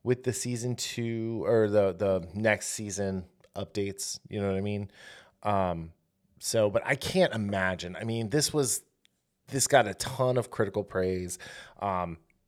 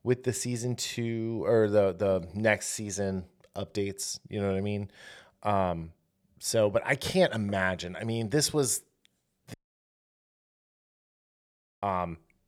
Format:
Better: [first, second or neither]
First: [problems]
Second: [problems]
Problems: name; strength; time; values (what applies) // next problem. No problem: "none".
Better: first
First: none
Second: audio cutting out; at 9.5 s for 2.5 s